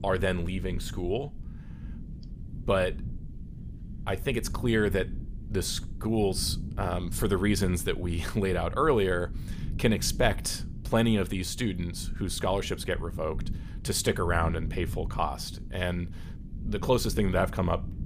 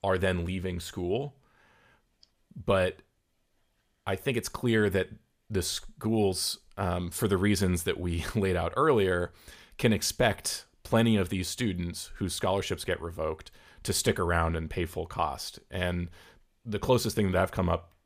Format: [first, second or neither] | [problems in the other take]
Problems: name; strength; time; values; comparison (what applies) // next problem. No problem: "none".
second | low rumble; noticeable; throughout; 20 dB below the speech